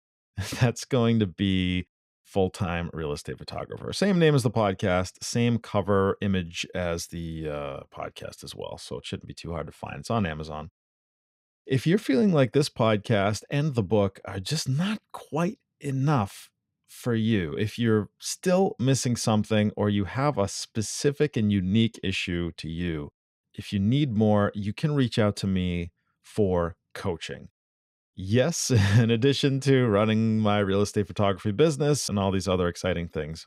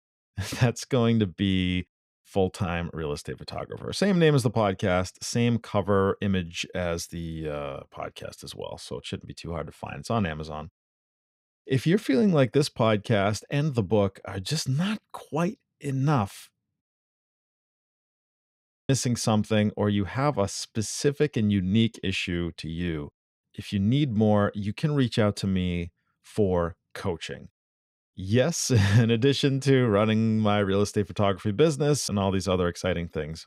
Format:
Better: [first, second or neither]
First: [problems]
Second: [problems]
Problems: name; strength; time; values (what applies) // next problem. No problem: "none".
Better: first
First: none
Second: audio cutting out; at 17 s for 2 s